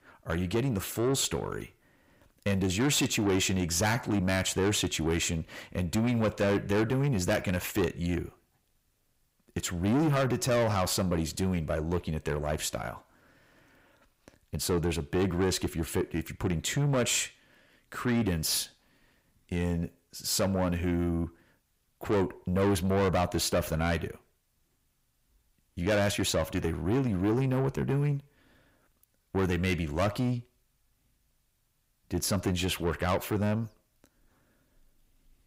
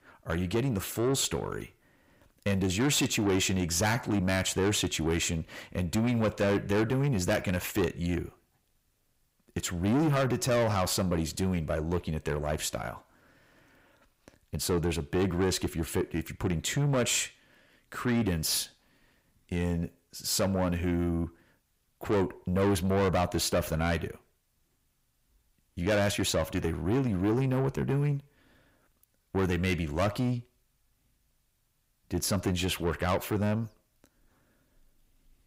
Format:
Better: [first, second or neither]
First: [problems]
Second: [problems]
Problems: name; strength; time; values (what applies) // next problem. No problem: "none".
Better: neither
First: distortion; heavy; 7 dB below the speech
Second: distortion; heavy; 7 dB below the speech